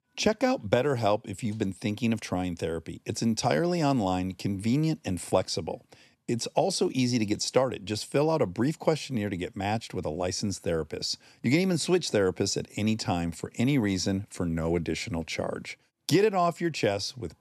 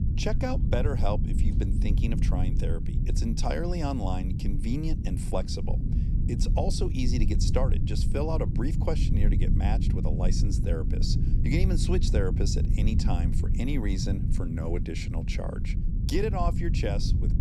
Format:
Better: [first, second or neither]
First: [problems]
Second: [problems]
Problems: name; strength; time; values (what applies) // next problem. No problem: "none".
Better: first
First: none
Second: low rumble; loud; throughout; 6 dB below the speech